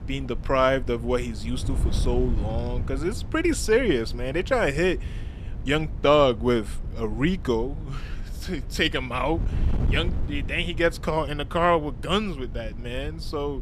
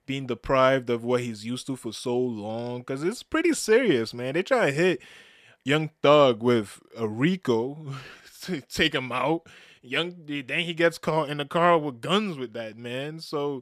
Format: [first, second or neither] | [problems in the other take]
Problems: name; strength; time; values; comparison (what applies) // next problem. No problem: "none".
second | wind noise on the microphone; occasional gusts; 20 dB below the speech